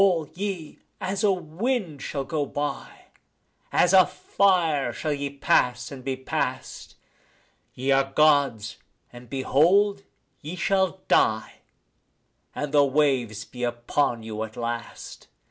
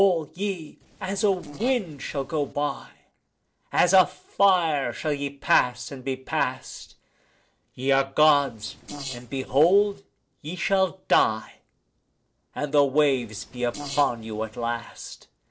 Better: first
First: none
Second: noise reduction (neural separator model SepFormer DNS4)

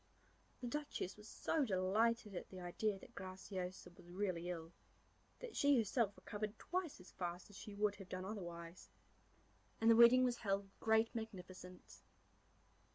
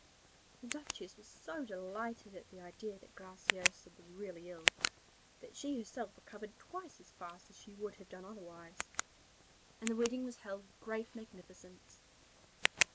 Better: first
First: none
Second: background sound (Tick); 2 dB above the speech

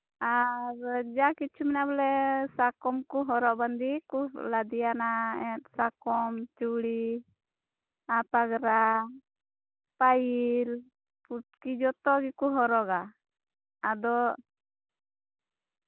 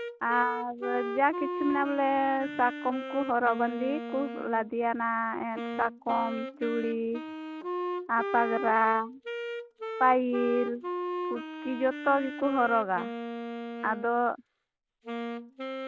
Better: first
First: none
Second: background sound (Wind instrument, woodwind instrument); 7 dB below the speech

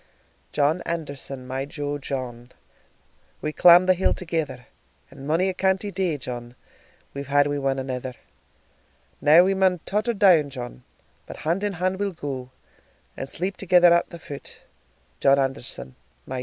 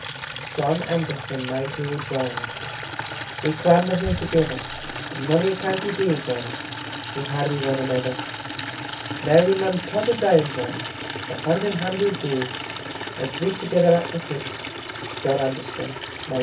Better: first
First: none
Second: background sound (Water tap, faucet / Liquid); 8 dB below the speech // room echo; dies away in 0.3 s

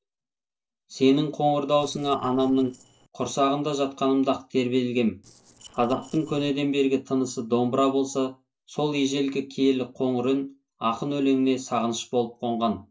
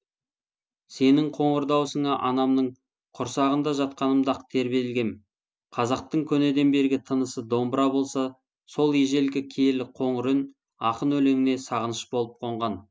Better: second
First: noise reduction (neural separator model SepFormer DNS4)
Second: none

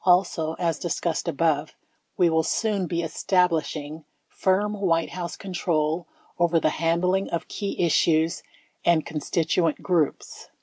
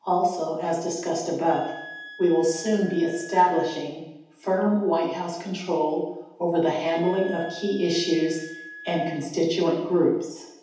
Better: first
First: none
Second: background sound (Wind instrument, woodwind instrument); 18 dB below the speech // room echo; dies away in 0.8 s

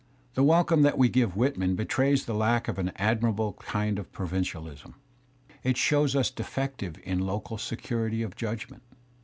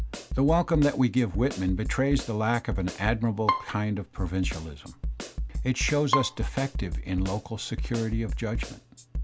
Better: first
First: none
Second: background sound (Snare drum + Bowed string instrument); 5 dB below the speech

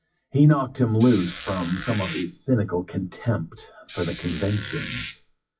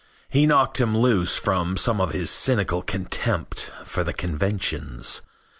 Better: second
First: noise reduction (classical method WPE with log-MMSE)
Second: none

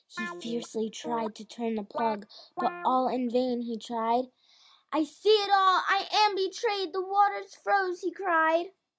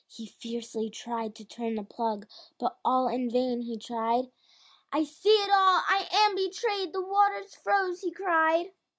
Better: second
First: background sound (Guitar); 13 dB below the speech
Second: none

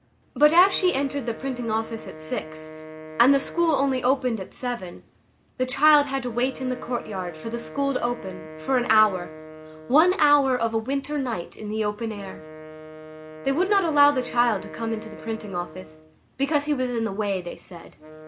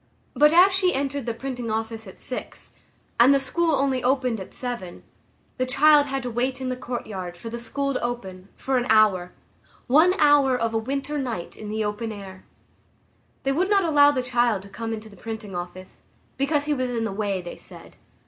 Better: second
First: background sound (Wind instrument, woodwind instrument); 16 dB below the speech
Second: none

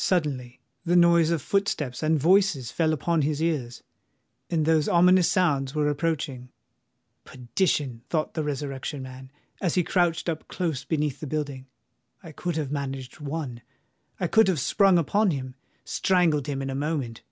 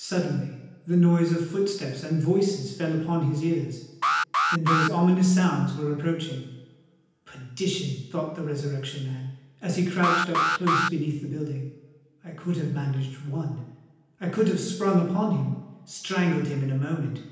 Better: first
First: none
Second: background sound (Alarm); as loud as the speech // room echo; dies away in 0.9 s

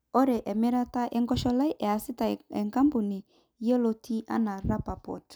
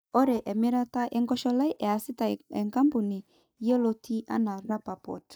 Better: first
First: none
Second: noise reduction (neural mask model DeepFilterNet 3)

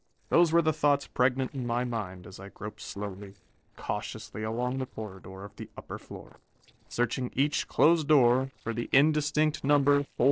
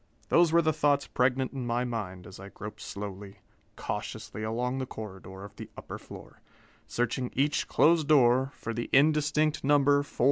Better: second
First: noise reduction (neural separator model SepFormer DNS4)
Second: none

